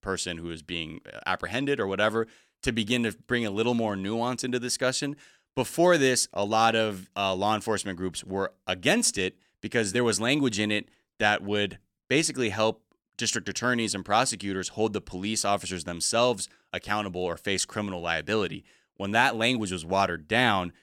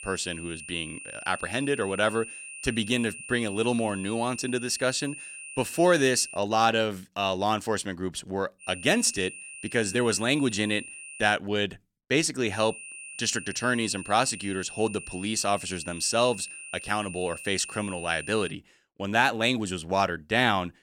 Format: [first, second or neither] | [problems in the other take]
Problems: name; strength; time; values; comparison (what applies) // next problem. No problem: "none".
first | high-pitched whine; noticeable; until 6.5 s, from 8.5 to 11 s and from 13 to 19 s; 2.5 kHz, 10 dB below the speech